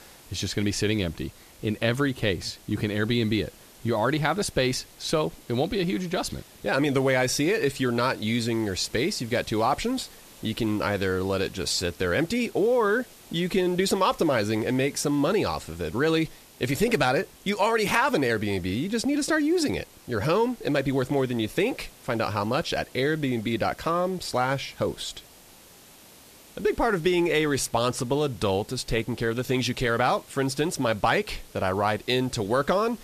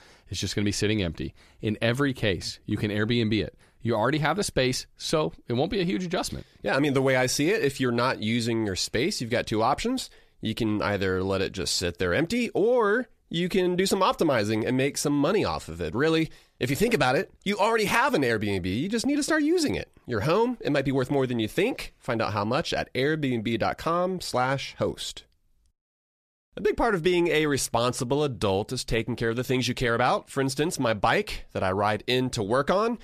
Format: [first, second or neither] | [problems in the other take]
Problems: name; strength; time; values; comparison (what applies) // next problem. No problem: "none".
second | hiss; faint; throughout; 25 dB below the speech